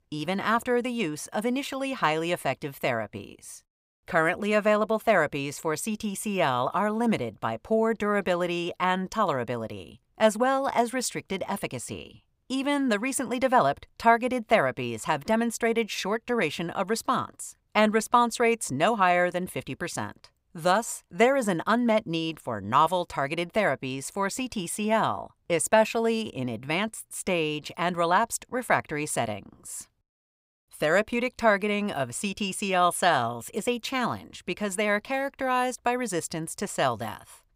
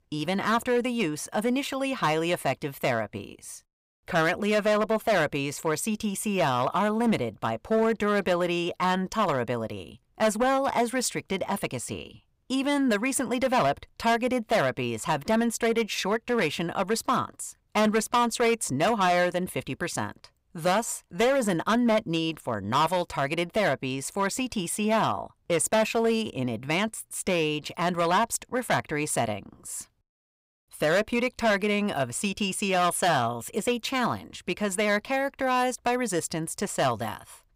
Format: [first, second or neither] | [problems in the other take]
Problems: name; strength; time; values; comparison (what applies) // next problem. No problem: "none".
first | distortion; slight; 6% of the sound clipped